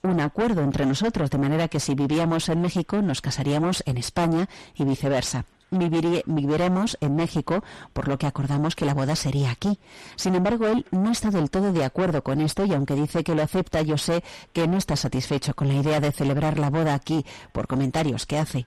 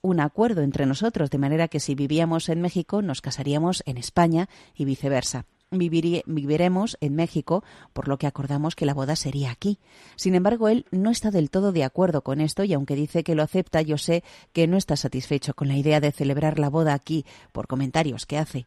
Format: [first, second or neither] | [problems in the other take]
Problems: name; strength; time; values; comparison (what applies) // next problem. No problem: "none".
second | distortion; heavy; 5 dB below the speech